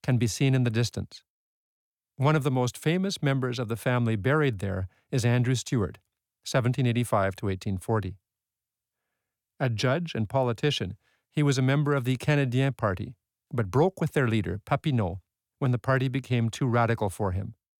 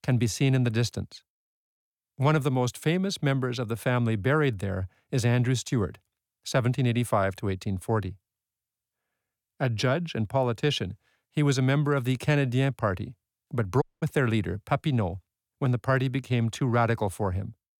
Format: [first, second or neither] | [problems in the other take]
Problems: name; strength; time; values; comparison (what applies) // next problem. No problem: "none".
first | audio cutting out; at 14 s